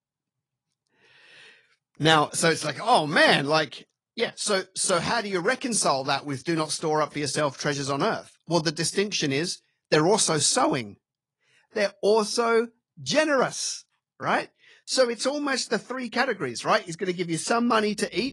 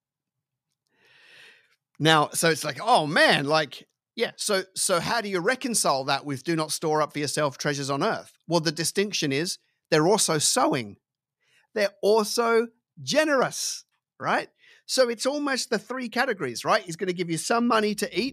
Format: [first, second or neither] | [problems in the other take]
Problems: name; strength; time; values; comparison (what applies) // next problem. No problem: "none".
second | garbled, watery; slightly; nothing above 10 kHz